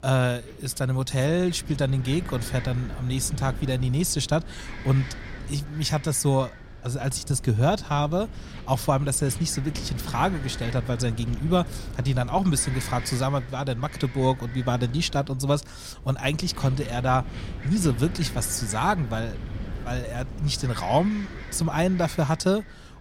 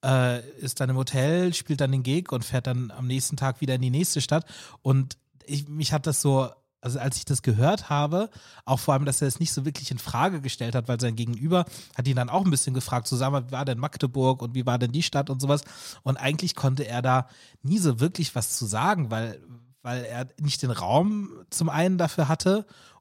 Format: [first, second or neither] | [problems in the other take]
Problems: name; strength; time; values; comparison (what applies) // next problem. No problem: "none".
second | wind noise on the microphone; occasional gusts; 15 dB below the speech